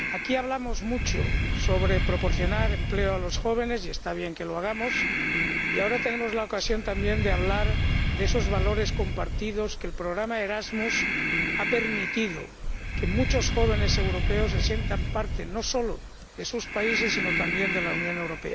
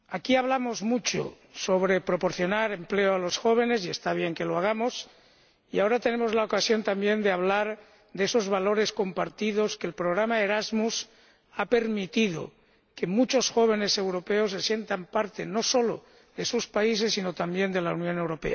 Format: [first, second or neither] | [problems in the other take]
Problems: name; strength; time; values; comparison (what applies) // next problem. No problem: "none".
second | background sound (Breathing); 3 dB above the speech